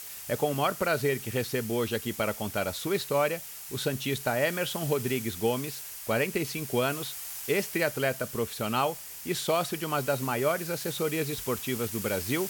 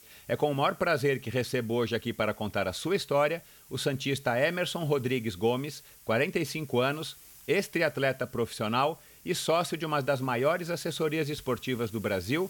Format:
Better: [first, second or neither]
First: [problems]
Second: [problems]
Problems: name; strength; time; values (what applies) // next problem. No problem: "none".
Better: second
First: hiss; loud; throughout; 8 dB below the speech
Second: hiss; faint; throughout; 20 dB below the speech